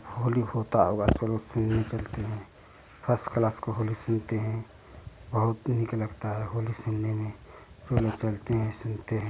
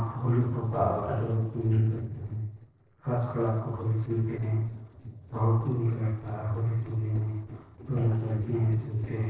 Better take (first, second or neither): first